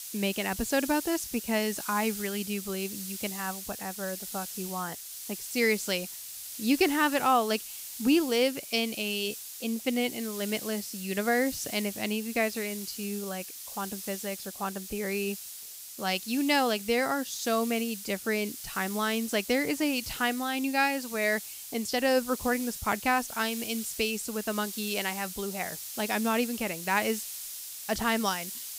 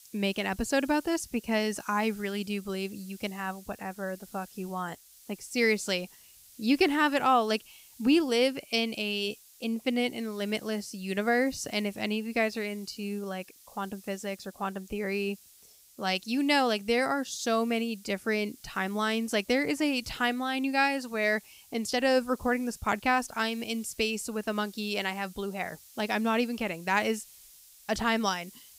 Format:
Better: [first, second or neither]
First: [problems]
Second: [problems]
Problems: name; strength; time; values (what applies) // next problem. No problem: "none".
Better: second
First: hiss; loud; throughout; 8 dB below the speech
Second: hiss; faint; throughout; 20 dB below the speech